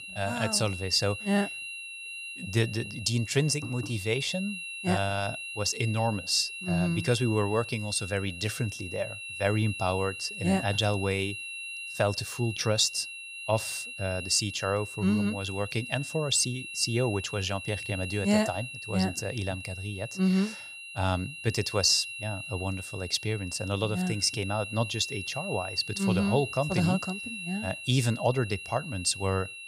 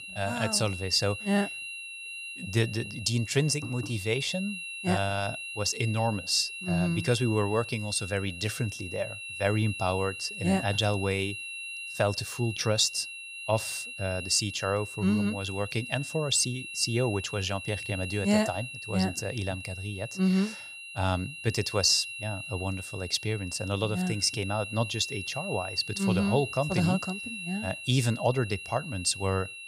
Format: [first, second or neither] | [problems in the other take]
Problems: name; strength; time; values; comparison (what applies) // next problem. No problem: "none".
neither | high-pitched whine; loud; throughout; 2.5 kHz, 8 dB below the speech; the same in both